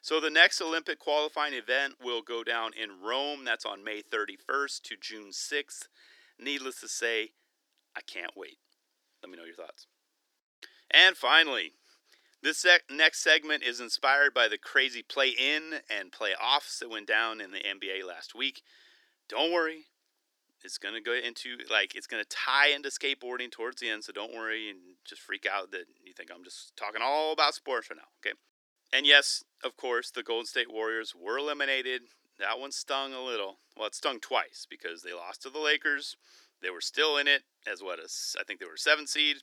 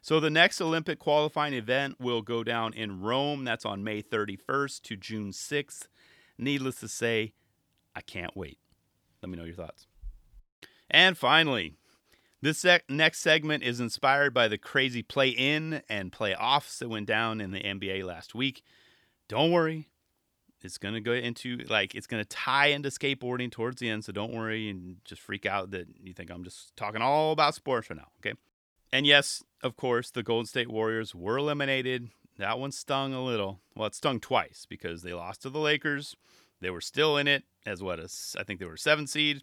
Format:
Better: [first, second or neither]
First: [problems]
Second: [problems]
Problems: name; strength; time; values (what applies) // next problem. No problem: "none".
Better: second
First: thin; somewhat; fading below 300 Hz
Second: none